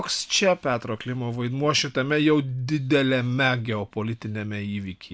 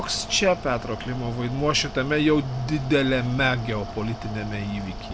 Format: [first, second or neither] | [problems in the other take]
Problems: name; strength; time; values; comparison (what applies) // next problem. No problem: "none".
first | background sound (Mechanical fan); 11 dB below the speech